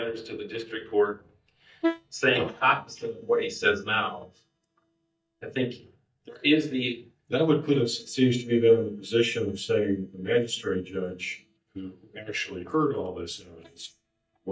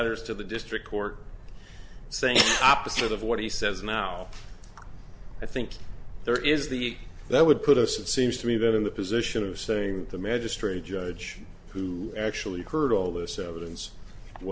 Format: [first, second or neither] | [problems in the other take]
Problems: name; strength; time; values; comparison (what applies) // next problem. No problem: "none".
second | noise reduction (neural mask model DeepFilterNet 3)